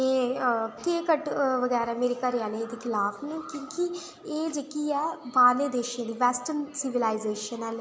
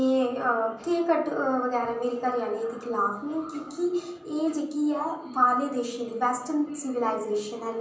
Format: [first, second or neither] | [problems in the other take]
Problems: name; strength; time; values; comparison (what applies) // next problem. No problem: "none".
first | room echo; dies away in 0.6 s